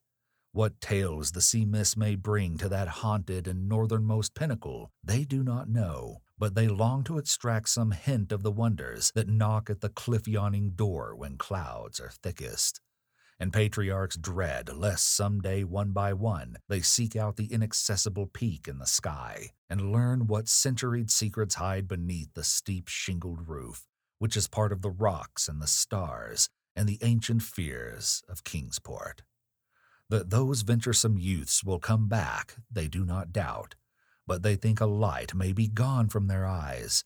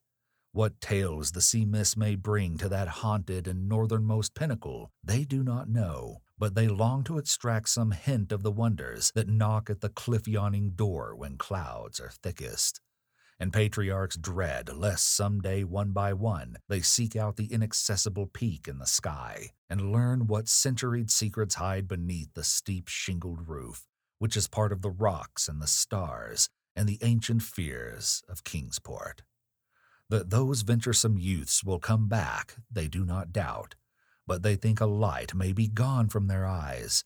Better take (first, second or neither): neither